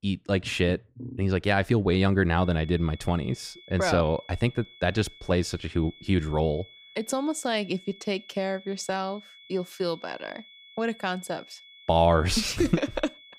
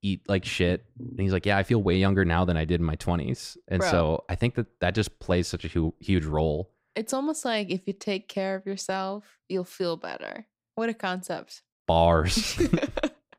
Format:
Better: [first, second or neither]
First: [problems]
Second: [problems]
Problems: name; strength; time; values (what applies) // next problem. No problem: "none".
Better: second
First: high-pitched whine; faint; from 2.5 s on; 3.5 kHz, 20 dB below the speech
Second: none